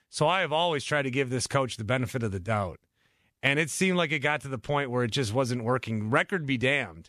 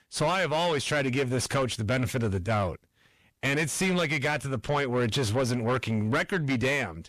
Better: first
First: none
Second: distortion; heavy; 6 dB below the speech

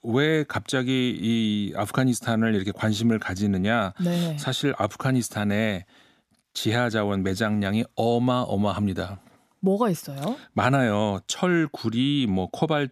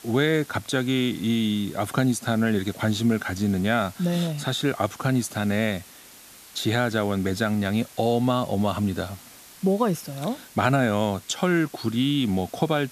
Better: first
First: none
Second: hiss; faint; throughout; 20 dB below the speech

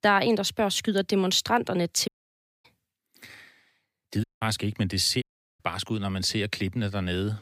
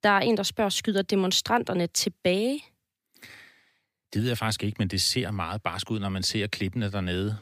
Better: second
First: audio cutting out; at 2 s for 0.5 s, at 4 s and at 5 s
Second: none

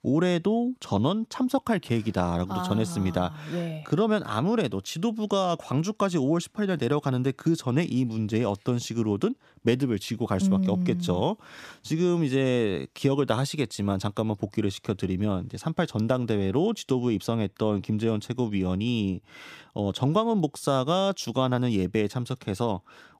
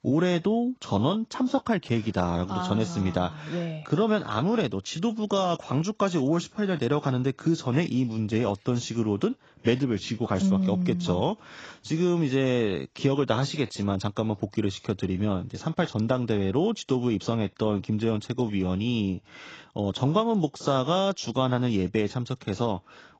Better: first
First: none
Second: garbled, watery; badly; nothing above 7.5 kHz

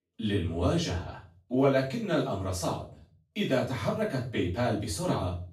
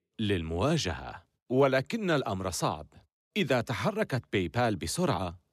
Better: second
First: room echo; noticeable; dies away in 0.4 s // off-mic speech; far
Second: none

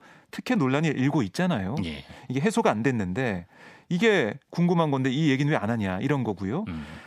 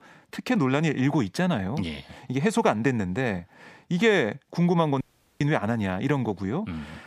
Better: first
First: none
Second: audio cutting out; at 5 s

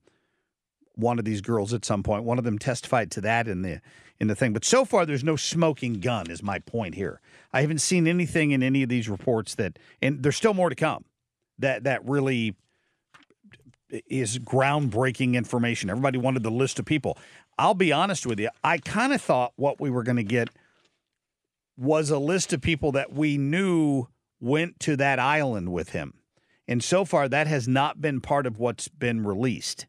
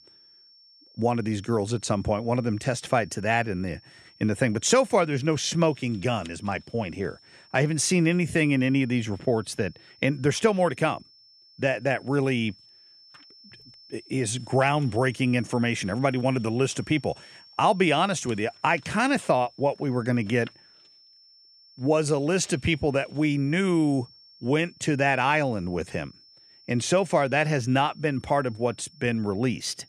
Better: first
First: none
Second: high-pitched whine; faint; throughout; 5.5 kHz, 25 dB below the speech

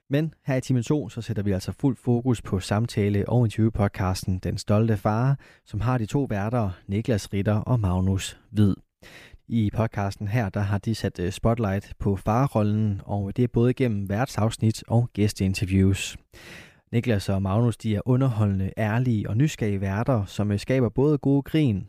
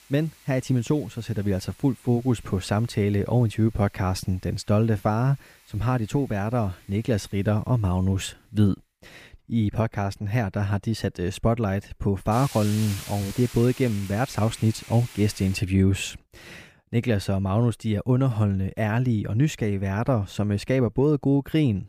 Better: first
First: none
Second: hiss; noticeable; until 16 s; 20 dB below the speech

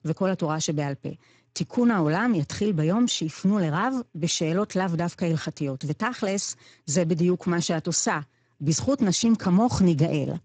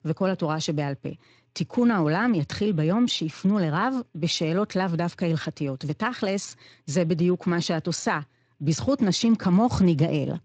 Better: second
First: garbled, watery; badly; nothing above 7.5 kHz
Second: garbled, watery; slightly; nothing above 7.5 kHz

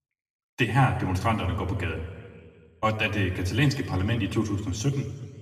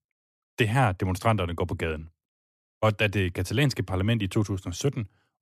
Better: second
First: room echo; slight; dies away in 1.5 s // off-mic speech; somewhat distant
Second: none

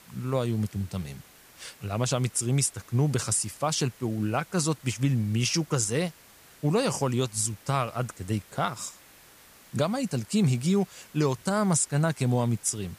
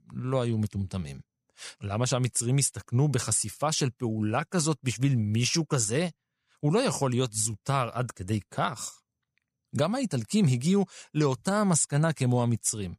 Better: second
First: hiss; faint; throughout; 25 dB below the speech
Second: none

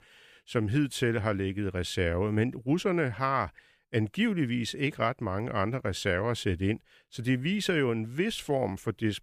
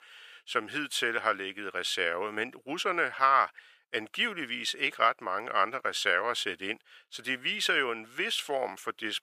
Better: first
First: none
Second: thin; very; fading below 600 Hz

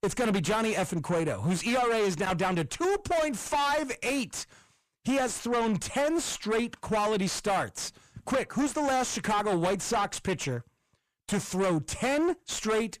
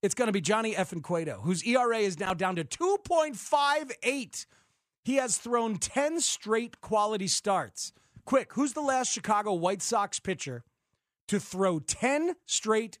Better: second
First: distortion; heavy; 5 dB below the speech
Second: none

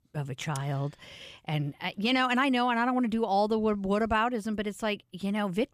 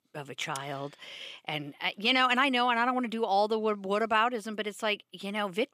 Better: first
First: none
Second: thin; very slightly; fading below 300 Hz

